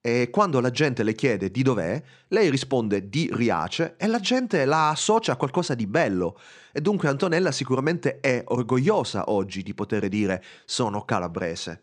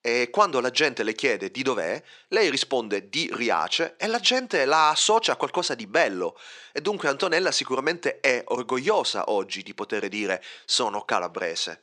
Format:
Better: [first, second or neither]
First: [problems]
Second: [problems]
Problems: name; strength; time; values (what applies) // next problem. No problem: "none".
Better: first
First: none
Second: thin; somewhat; fading below 450 Hz